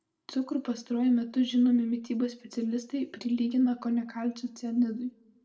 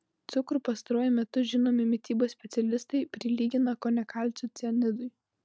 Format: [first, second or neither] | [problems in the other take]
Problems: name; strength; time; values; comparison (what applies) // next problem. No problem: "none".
second | room echo; dies away in 0.4 s